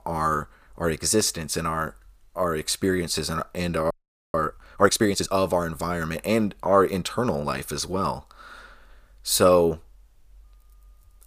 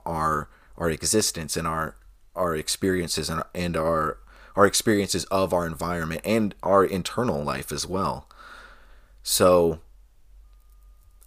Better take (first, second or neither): second